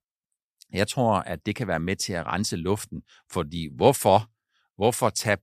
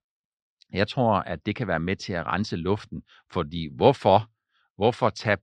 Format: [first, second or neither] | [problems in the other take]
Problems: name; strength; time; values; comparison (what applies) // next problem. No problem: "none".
first | muffled; slightly; fading above 4 kHz